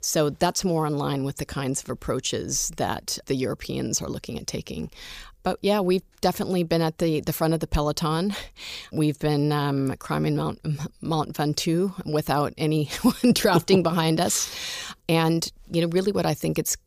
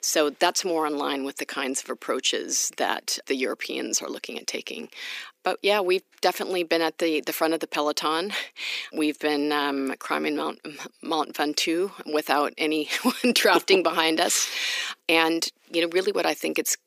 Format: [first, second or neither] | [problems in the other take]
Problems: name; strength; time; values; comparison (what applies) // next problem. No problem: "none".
first | thin; somewhat; fading below 250 Hz